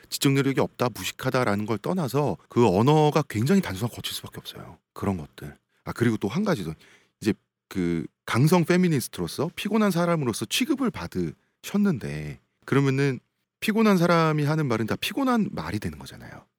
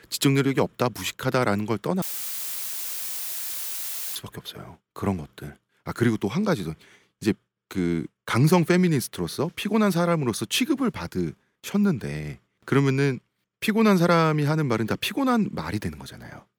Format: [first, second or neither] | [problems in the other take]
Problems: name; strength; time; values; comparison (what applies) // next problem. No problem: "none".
first | audio cutting out; filled with static; at 2 s for 2 s